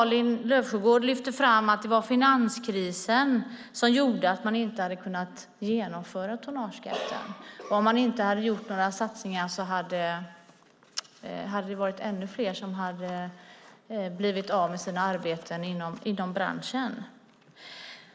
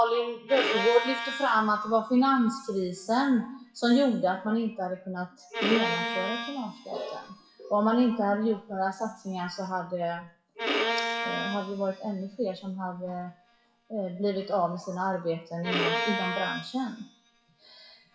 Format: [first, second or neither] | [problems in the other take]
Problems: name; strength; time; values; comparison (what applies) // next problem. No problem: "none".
first | noise reduction (classical method WPE with log-MMSE)